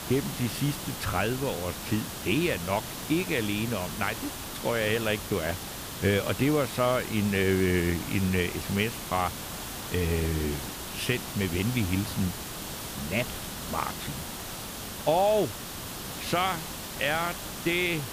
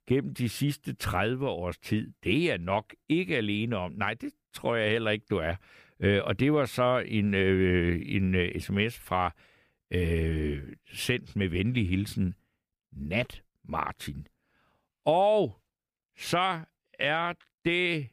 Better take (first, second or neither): second